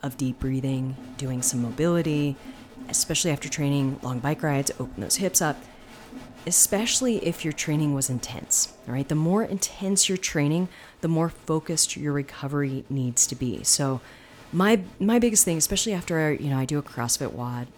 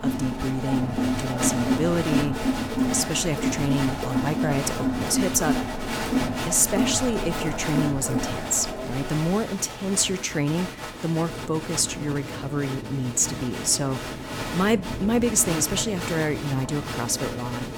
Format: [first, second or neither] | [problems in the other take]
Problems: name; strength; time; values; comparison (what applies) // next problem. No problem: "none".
first | crowd noise; loud; throughout; 3 dB below the speech; faint in the first